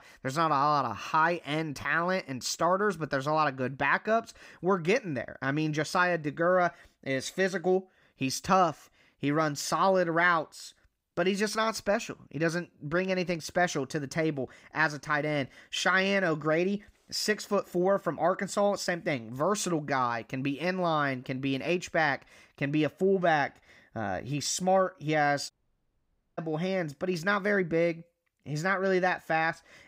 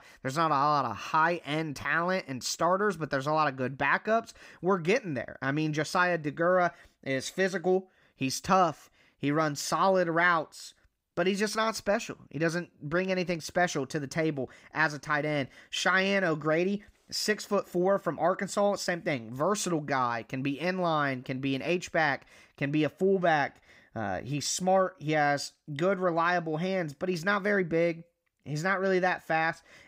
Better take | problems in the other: second | audio cutting out; at 26 s for 1 s

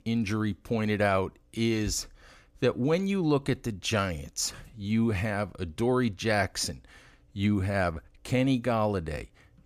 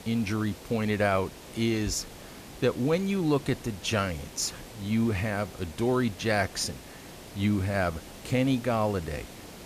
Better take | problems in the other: first | hiss; noticeable; throughout; 15 dB below the speech

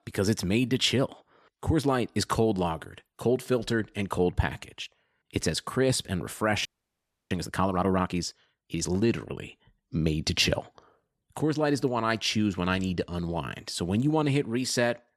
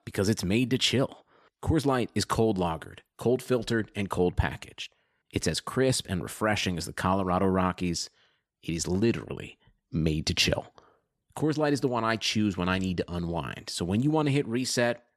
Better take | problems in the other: second | audio freezing; at 6.5 s for 0.5 s

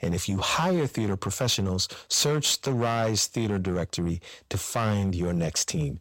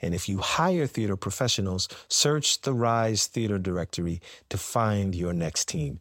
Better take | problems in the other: second | distortion; slight; 8% of the sound clipped

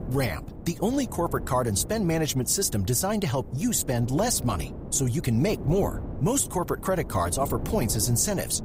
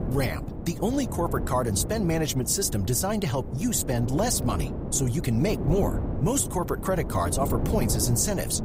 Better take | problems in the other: first | wind noise on the microphone; heavy; 10 dB below the speech; occasional gusts in the first

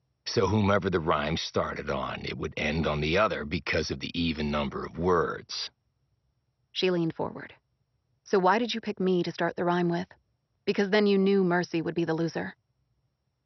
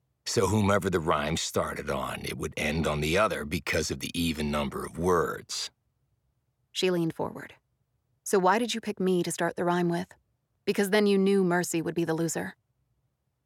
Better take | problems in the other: second | garbled, watery; slightly; nothing above 6 kHz

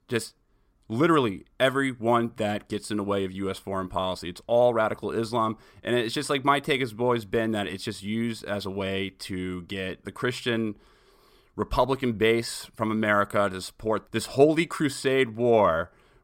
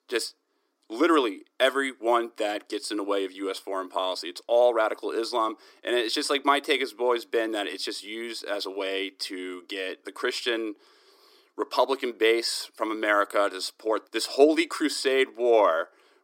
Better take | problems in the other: first | thin; somewhat; fading below 300 Hz

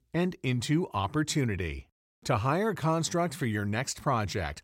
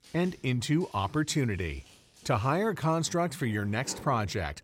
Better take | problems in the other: first | household noises; faint; throughout; 25 dB below the speech

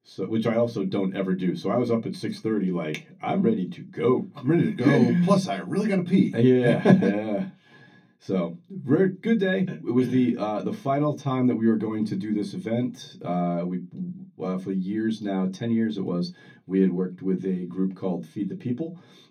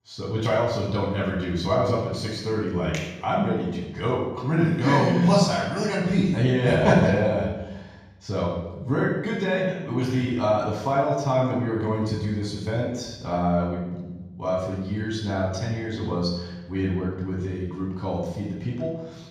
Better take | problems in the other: first | room echo; strong; dies away in 1.3 s; slight in the first // off-mic speech; far; far in the first

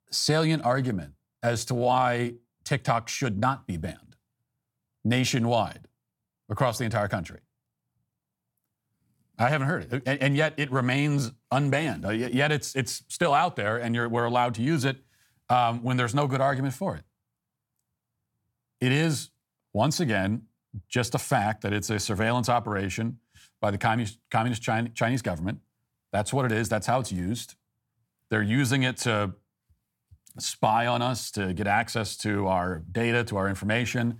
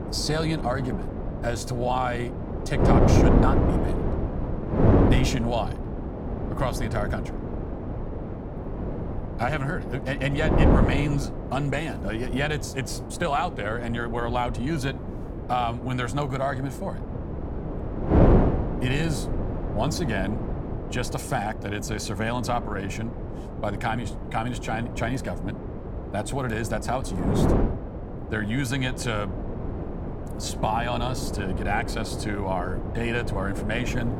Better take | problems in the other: first | wind noise on the microphone; heavy; 4 dB below the speech

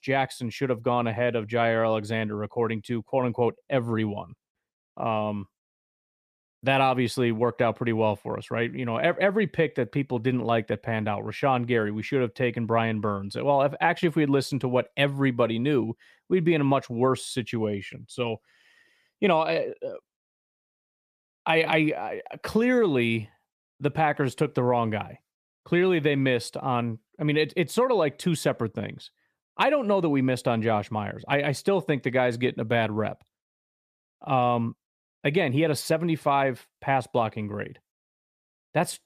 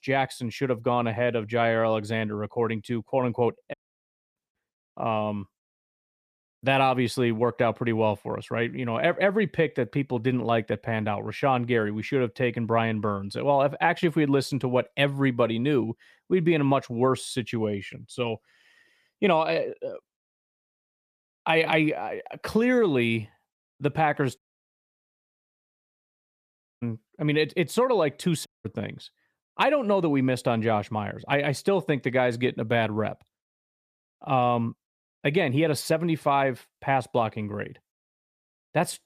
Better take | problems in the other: first | audio cutting out; at 3.5 s for 0.5 s, at 24 s for 2.5 s and at 28 s

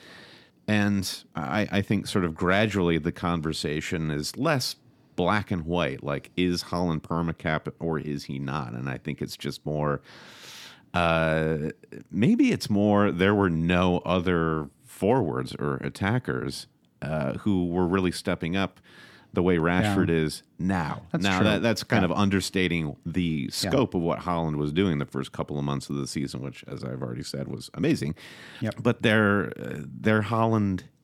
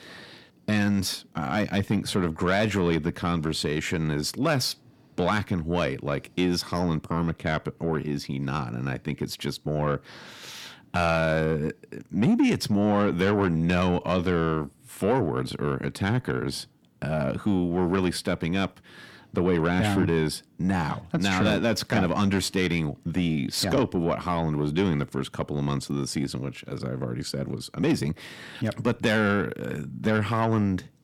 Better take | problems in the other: first | distortion; slight; 10 dB below the speech

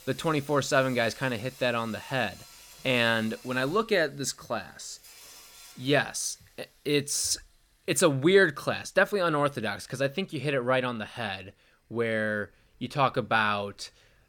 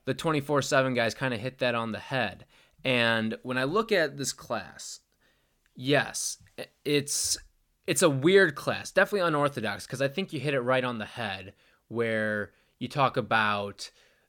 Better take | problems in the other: second | machinery noise; faint; throughout; 20 dB below the speech

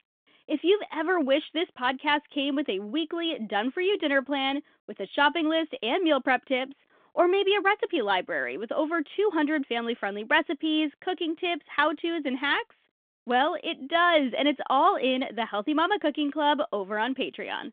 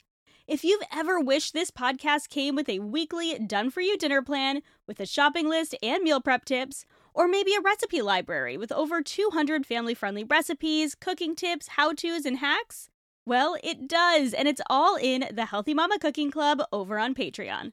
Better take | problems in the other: second | phone-call audio; nothing above 3.5 kHz

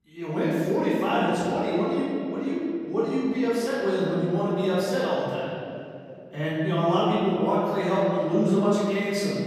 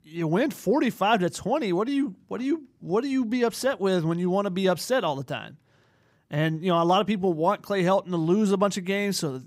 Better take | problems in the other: second | off-mic speech; far // room echo; strong; dies away in 2.3 s

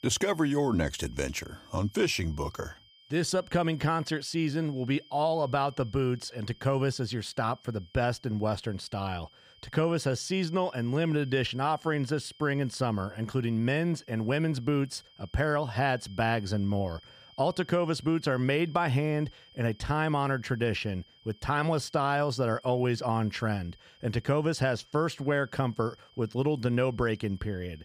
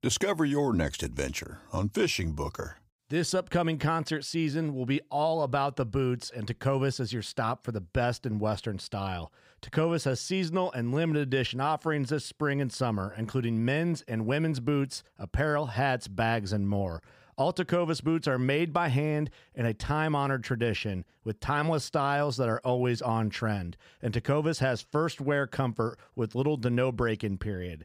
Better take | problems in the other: second | high-pitched whine; faint; throughout; 3 kHz, 25 dB below the speech

